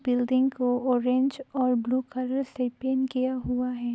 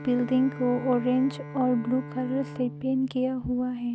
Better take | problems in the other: first | background sound (Bowed string instrument); 13 dB below the speech

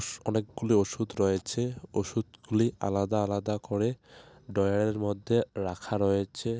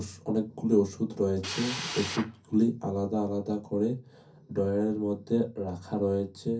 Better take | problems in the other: first | background sound (Drill); 8 dB below the speech // room echo; dies away in 0.3 s

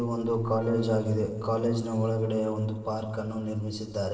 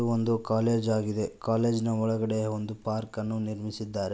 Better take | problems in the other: second | noise reduction (neural separator model SepFormer DNS4)

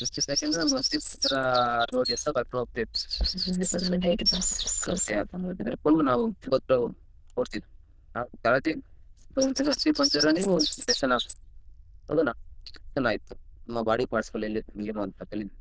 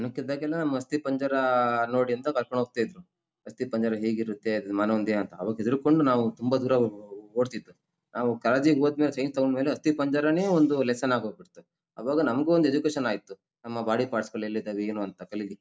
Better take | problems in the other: second | noise reduction (neural diffusion model UNIVERSE++)

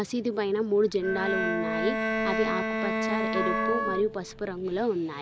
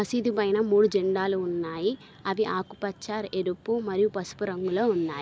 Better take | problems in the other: second | background sound (Bowed string instrument + Wind instrument, woodwind instrument); as loud as the speech

